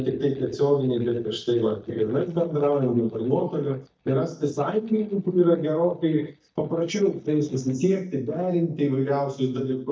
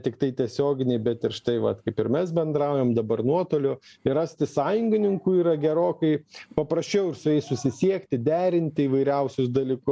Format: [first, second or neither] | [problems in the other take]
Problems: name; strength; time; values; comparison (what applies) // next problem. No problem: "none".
second | noise reduction (neural mask model DeepFilterNet 3)